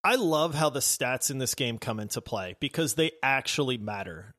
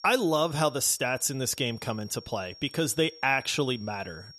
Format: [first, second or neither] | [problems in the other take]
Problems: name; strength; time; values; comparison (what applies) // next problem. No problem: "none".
first | high-pitched whine; faint; throughout; 5.5 kHz, 20 dB below the speech